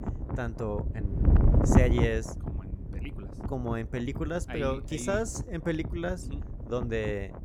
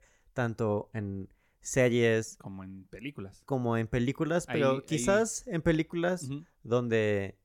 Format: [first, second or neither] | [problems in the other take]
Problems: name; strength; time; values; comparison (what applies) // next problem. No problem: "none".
second | wind noise on the microphone; heavy; 5 dB below the speech